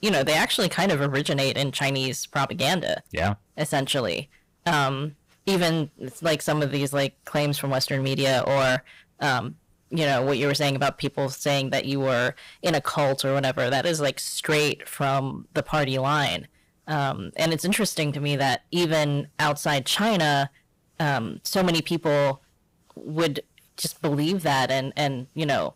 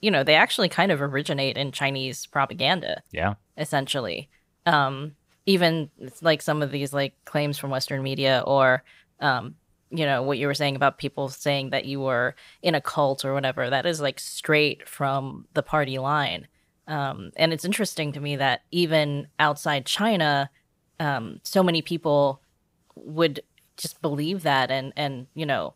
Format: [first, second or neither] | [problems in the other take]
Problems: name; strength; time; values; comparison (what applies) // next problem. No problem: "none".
second | distortion; heavy; 14% of the sound clipped